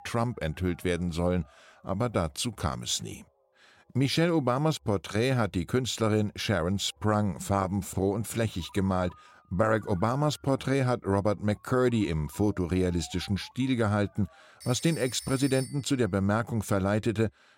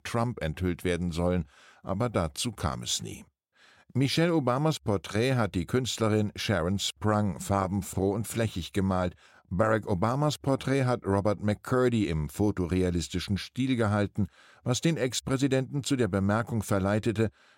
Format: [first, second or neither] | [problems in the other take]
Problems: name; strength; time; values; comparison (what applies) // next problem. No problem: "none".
second | alarms or sirens; noticeable; throughout; 20 dB below the speech